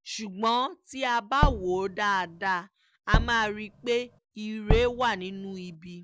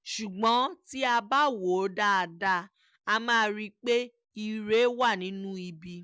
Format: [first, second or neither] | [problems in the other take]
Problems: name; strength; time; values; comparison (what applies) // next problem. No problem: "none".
second | background sound (Tap / Bass drum); as loud as the speech